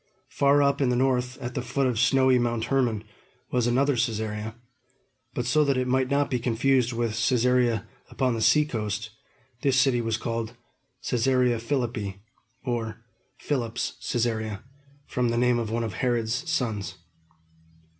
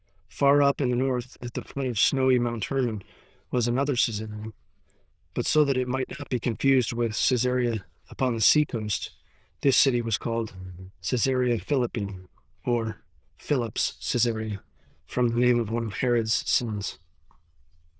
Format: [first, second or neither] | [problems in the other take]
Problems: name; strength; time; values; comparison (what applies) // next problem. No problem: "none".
first | noise reduction (neural diffusion model UNIVERSE++)